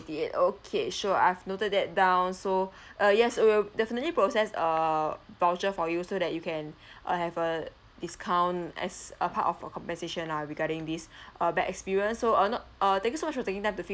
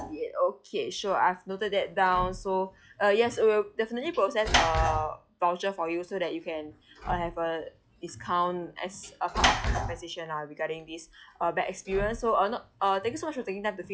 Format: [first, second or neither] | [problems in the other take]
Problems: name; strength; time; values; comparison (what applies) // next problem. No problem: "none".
first | noise reduction (classical method log-MMSE)